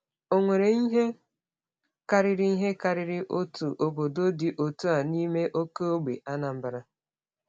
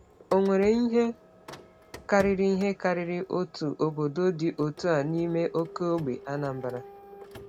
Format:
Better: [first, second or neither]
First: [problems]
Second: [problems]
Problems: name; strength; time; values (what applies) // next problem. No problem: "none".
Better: first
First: none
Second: background sound (Printer); 19 dB below the speech